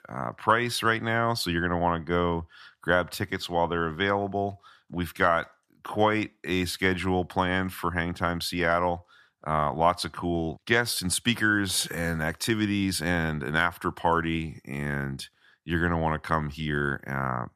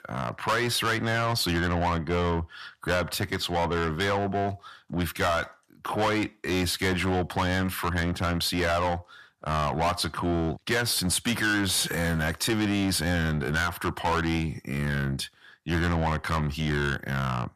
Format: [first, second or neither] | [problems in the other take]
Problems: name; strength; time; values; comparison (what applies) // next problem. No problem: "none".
first | distortion; heavy; 6 dB below the speech